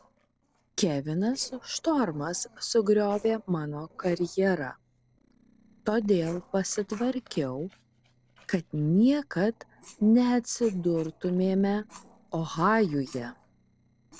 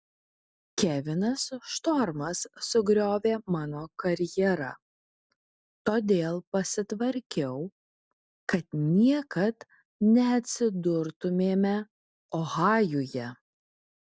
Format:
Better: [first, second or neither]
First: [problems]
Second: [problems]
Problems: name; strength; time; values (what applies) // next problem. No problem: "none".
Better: second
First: noise reduction (neural separator model SepFormer DNS4)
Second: none